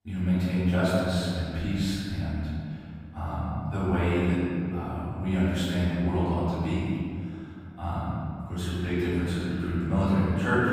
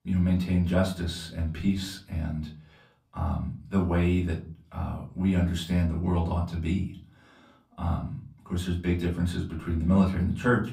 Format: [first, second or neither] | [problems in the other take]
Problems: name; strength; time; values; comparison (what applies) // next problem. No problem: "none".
second | room echo; strong; dies away in 2.3 s; slight in the second // off-mic speech; far; far in the second